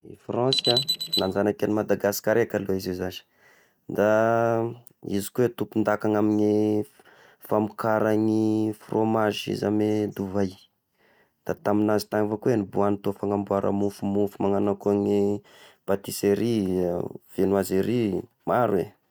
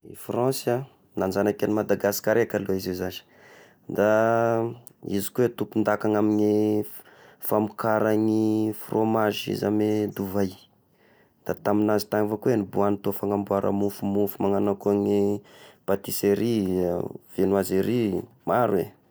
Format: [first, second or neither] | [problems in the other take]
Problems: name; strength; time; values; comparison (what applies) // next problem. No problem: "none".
second | noise reduction (neural mask model RNNoise)